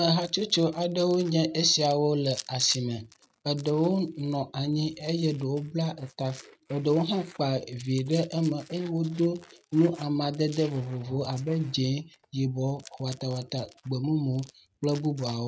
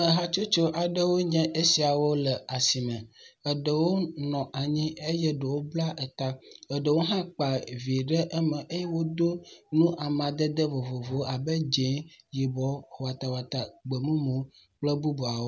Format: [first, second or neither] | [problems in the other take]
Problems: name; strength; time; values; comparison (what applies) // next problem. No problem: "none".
second | noise reduction (neural mask model RNNoise)